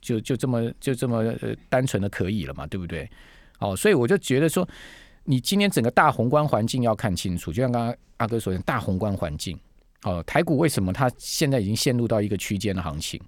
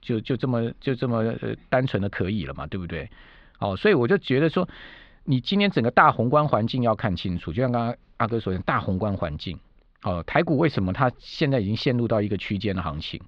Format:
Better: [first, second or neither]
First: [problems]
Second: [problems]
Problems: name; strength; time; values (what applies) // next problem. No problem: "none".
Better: first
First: none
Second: muffled; slightly; fading above 4 kHz